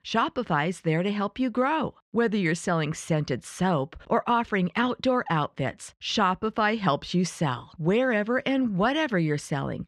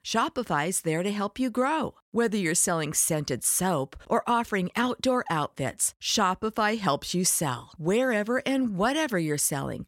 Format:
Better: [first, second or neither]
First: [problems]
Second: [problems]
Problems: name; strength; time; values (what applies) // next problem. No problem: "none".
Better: second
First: muffled; slightly; fading above 3 kHz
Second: none